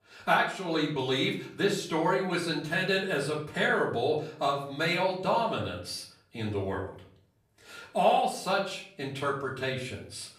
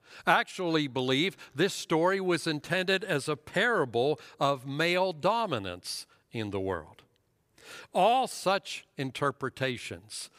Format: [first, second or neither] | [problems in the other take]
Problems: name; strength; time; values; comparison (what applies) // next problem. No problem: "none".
second | room echo; slight; dies away in 0.5 s // off-mic speech; far